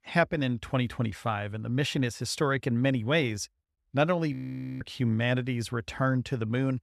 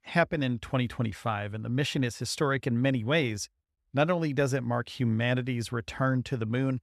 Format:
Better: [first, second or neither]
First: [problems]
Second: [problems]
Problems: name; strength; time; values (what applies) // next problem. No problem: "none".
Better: second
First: audio freezing; at 4.5 s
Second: none